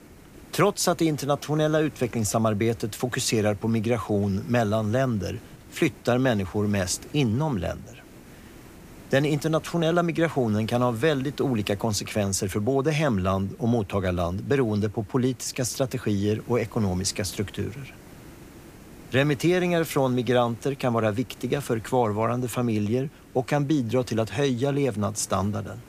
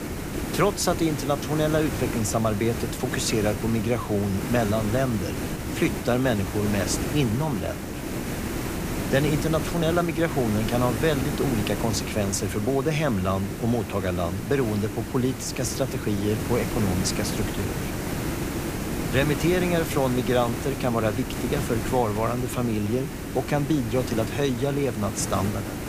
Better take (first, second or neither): first